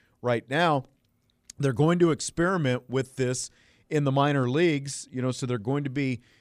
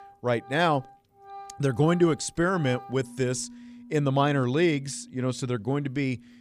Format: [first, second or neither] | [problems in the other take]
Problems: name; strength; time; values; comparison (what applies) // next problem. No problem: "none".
first | background music; faint; throughout; 20 dB below the speech